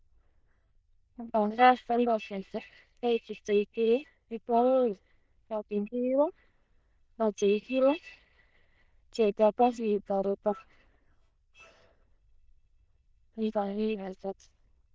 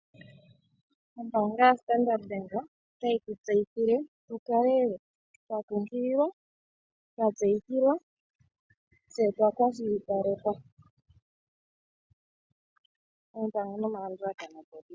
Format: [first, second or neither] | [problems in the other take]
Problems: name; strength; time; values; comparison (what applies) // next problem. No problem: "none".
second | noise reduction (neural diffusion model UNIVERSE++)